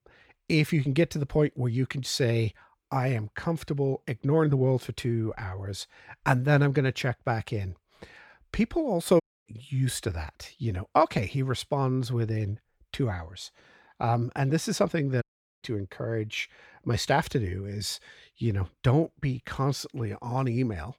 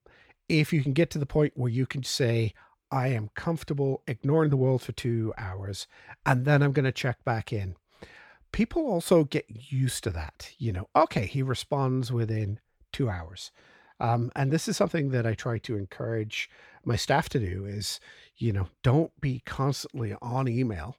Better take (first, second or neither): second